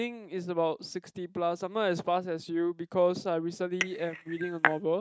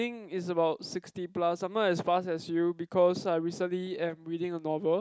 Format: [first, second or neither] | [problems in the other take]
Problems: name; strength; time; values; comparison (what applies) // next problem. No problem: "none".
second | noise reduction (neural mask model RNNoise)